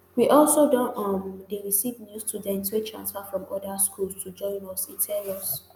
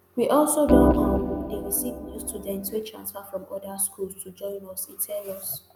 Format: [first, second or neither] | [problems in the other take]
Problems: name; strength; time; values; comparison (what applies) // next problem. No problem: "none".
first | background sound (Organ); 5 dB above the speech